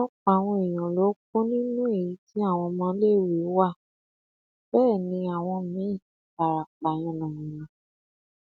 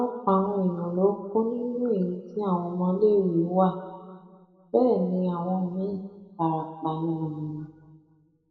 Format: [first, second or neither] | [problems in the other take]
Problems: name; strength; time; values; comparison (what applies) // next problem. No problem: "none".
first | room echo; dies away in 1.8 s